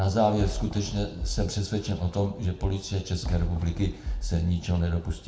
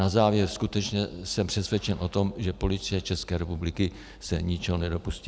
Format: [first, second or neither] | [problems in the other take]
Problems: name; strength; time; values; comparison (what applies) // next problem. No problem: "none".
second | background sound (Fireworks); 6 dB below the speech // room echo; dies away in 0.5 s